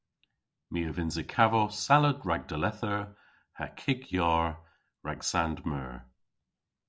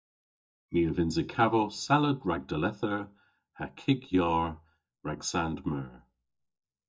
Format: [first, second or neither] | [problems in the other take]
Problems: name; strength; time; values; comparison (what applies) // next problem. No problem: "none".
first | noise reduction (neural mask model DeepFilterNet 3)